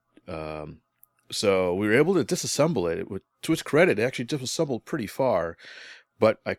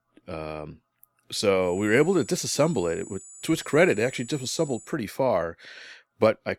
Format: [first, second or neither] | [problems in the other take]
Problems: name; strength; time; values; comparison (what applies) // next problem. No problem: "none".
first | high-pitched whine; noticeable; from 1.5 to 5 s; 8 kHz, 20 dB below the speech